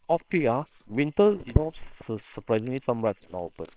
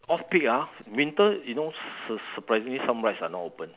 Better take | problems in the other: second | noise reduction (neural separator model SepFormer WHAMR!)

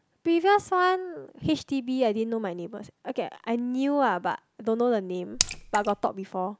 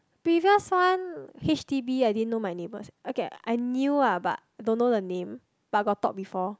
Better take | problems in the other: second | background sound (Raindrop / Splash, splatter); 5 dB below the speech

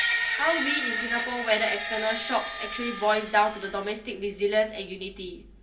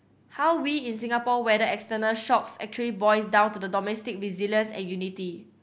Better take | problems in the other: second | background sound (Screech); 4 dB below the speech // room echo; dies away in 0.3 s

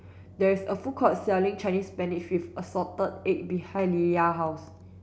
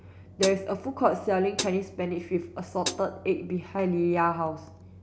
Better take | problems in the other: first | background sound (Hi-hat); 11 dB below the speech

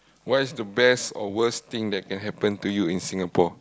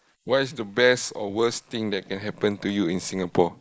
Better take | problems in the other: first | noise reduction (neural mask model Resemble Enhance denoiser)

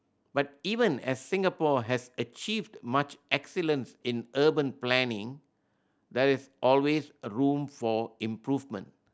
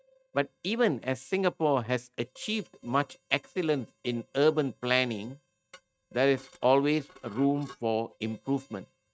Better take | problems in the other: first | noise reduction (neural mask model RNNoise)

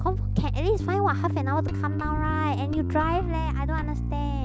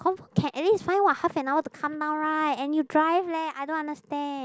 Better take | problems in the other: second | background sound (Bass guitar); 2 dB above the speech

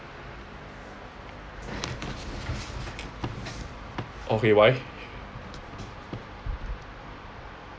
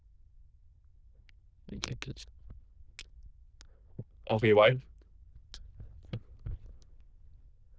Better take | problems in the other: first | noise reduction (neural diffusion model UNIVERSE++)

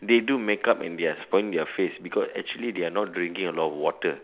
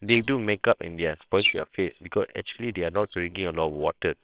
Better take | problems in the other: first | noise reduction (neural separator model SepFormer WHAMR!)

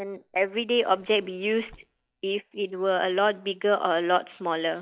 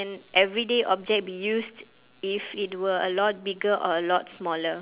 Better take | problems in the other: second | noise reduction (neural mask model DeepFilterNet 3)

